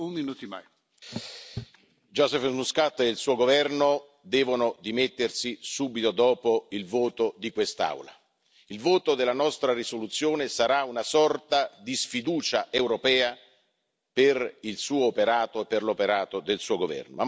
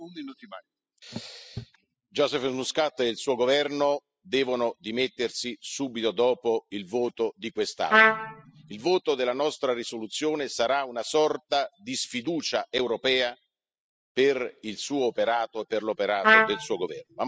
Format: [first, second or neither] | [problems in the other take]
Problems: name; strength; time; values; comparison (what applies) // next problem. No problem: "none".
first | noise reduction (classical method spectral subtraction)